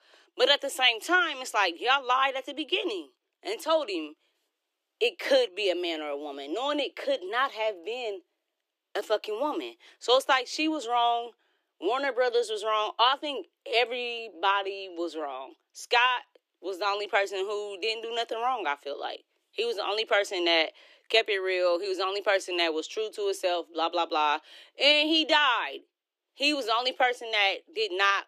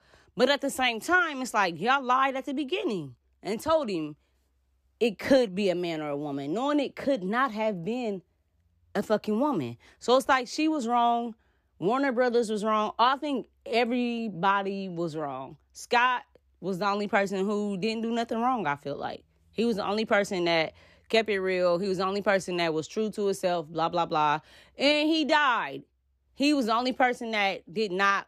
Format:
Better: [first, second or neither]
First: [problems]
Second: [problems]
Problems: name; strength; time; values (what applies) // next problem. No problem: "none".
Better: second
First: thin; somewhat; fading below 300 Hz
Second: none